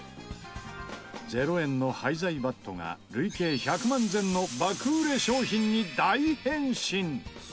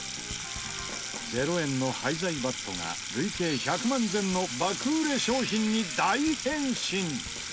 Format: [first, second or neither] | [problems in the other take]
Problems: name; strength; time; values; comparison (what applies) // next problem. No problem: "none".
first | background sound (Sink (filling or washing) / Water tap, faucet); 7 dB below the speech